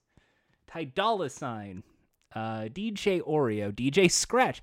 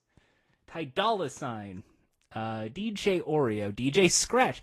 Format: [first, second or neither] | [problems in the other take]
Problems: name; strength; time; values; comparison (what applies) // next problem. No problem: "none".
first | garbled, watery; slightly; nothing above 12.5 kHz